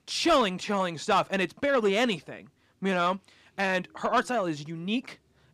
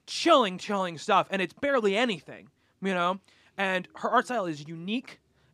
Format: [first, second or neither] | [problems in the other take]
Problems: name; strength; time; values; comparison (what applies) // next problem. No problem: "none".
second | distortion; slight; 10 dB below the speech